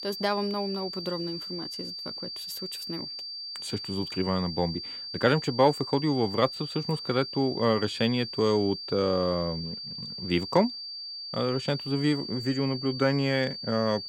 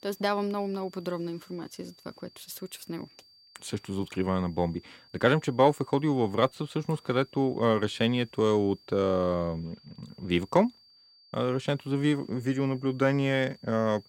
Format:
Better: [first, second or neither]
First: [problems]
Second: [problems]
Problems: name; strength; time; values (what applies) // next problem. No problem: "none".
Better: second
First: high-pitched whine; loud; throughout; 4.5 kHz, 7 dB below the speech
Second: high-pitched whine; faint; throughout; 4.5 kHz, 30 dB below the speech